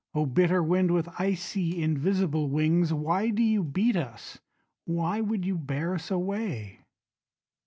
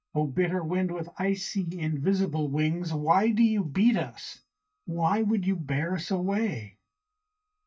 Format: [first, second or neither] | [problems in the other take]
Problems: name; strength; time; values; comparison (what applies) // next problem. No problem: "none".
first | noise reduction (neural mask model DeepFilterNet 3)